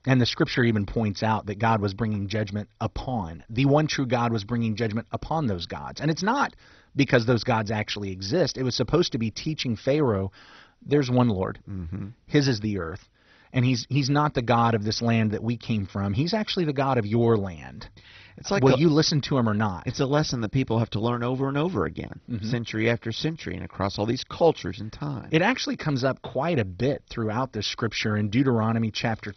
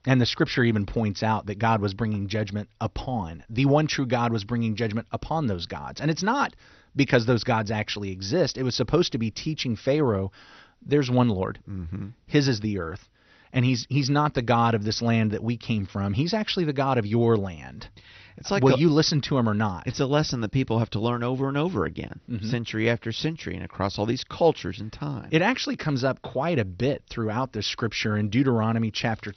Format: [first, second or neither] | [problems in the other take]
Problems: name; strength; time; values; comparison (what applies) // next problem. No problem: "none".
second | garbled, watery; badly; nothing above 6 kHz; slightly in the second